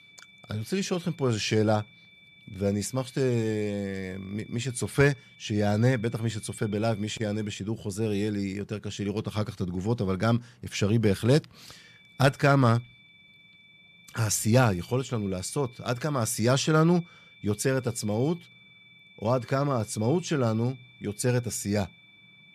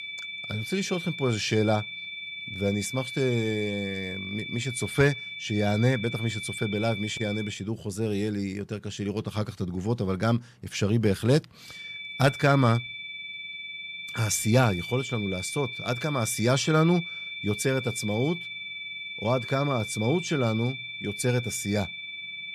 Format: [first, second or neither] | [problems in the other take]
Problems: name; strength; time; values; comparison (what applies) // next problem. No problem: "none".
first | high-pitched whine; loud; until 7.5 s and from 12 s on; 2.5 kHz, 7 dB below the speech; faint in the first